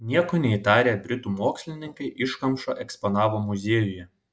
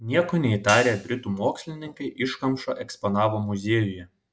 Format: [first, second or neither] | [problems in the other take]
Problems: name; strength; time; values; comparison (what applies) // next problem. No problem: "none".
first | background sound (Hi-hat); 12 dB below the speech